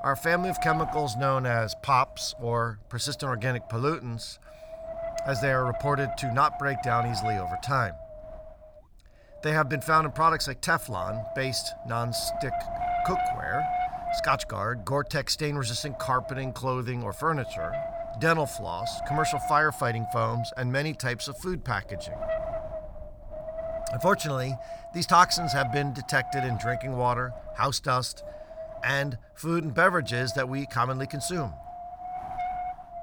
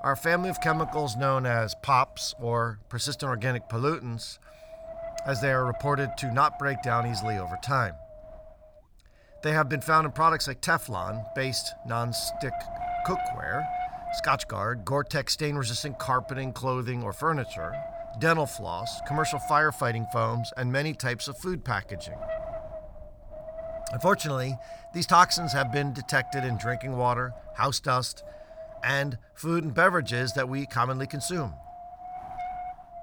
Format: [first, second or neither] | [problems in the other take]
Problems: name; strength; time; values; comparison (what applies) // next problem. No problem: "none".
second | wind noise on the microphone; heavy; 7 dB below the speech; occasional gusts in the second